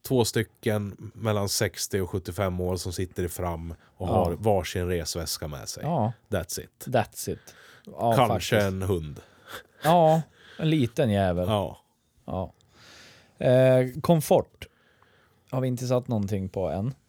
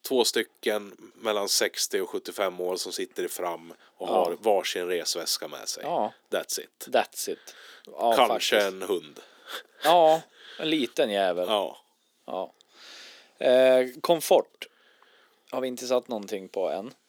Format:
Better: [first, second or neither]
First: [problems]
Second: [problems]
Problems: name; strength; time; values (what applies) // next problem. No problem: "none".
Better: first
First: none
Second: thin; somewhat; fading below 300 Hz